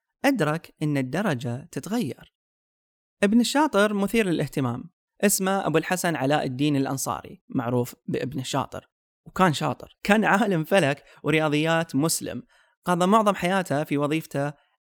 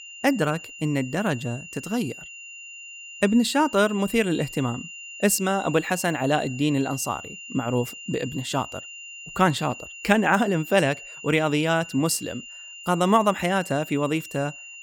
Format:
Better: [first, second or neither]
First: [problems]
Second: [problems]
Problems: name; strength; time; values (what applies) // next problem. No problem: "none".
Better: first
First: none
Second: high-pitched whine; noticeable; throughout; 3 kHz, 15 dB below the speech